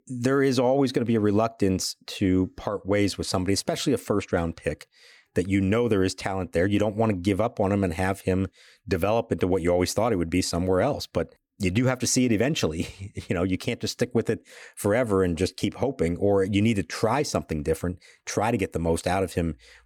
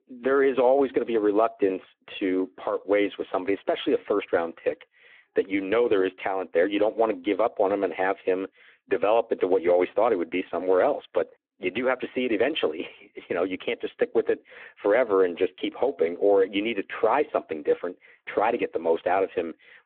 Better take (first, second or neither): first